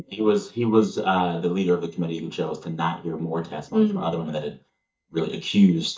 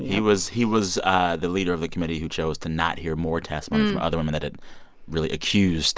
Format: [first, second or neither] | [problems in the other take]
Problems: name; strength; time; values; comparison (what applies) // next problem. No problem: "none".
second | noise reduction (neural mask model DeepFilterNet 3)